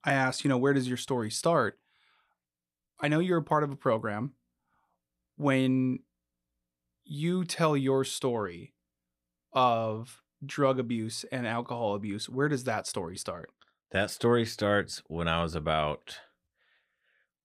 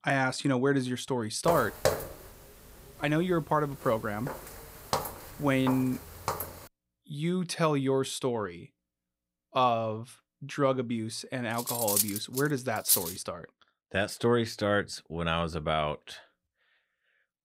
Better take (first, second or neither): first